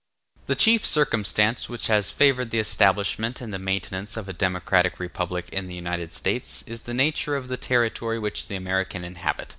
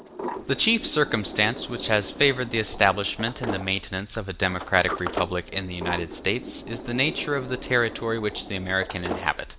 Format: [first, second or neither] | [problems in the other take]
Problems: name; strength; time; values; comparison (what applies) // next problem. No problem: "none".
first | background sound (Sliding door); 10 dB below the speech